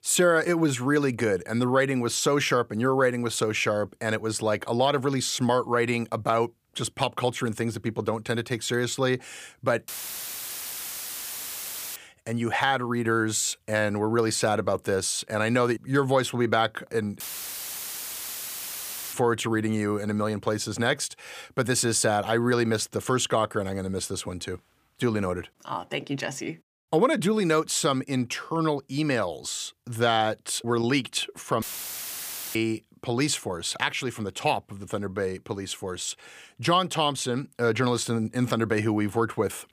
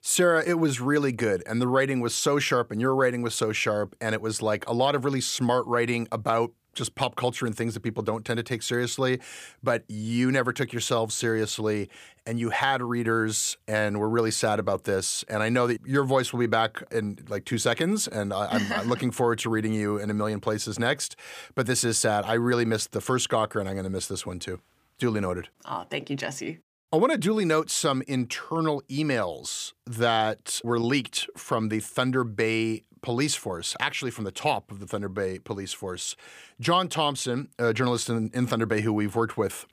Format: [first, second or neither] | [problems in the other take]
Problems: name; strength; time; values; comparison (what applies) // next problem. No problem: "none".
second | audio cutting out; filled with static; at 10 s for 2 s, at 17 s for 2 s and at 32 s for 1 s